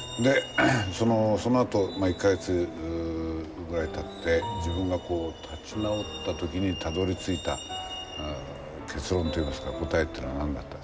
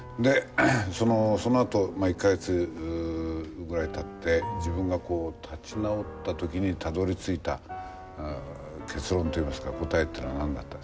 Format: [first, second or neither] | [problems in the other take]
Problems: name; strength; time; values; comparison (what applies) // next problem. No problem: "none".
second | background sound (Truck); 14 dB below the speech